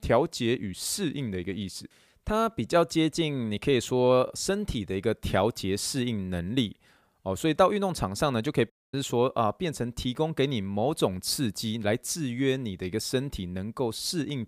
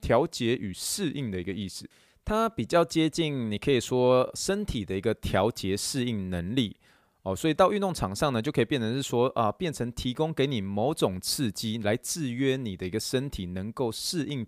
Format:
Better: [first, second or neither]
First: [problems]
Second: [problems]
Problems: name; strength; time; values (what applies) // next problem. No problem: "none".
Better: second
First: audio cutting out; at 8.5 s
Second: none